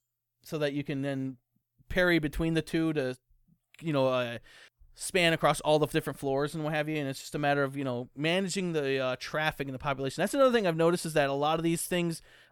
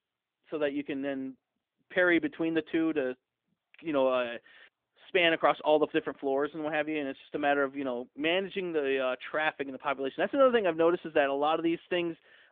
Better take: first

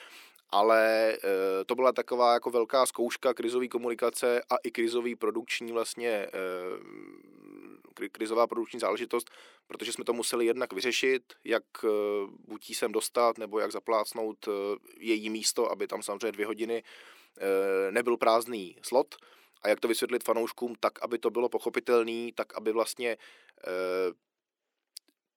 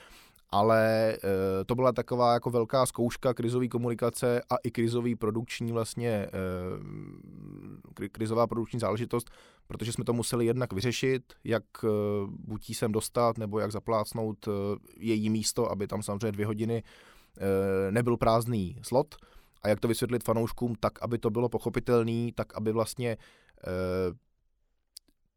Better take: second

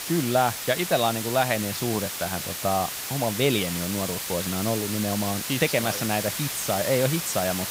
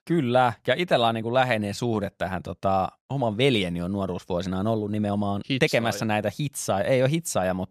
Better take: second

